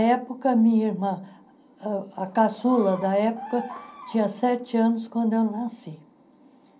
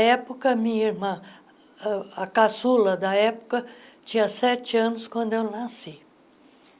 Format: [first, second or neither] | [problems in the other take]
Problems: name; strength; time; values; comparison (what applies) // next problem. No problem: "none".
second | background sound (Bird vocalization, bird call, bird song); 17 dB below the speech // room echo; dies away in 0.3 s